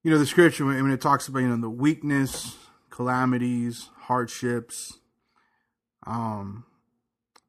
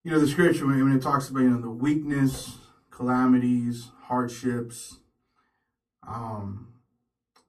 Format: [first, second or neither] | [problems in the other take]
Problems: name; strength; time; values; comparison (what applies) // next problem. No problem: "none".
first | off-mic speech; far // room echo; very slight; dies away in 0.2 s